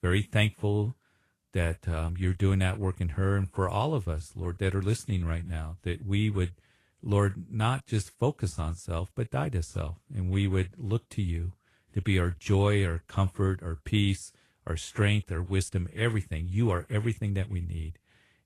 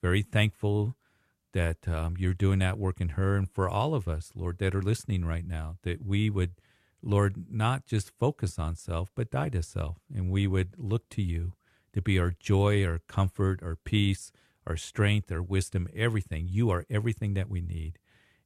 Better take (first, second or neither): second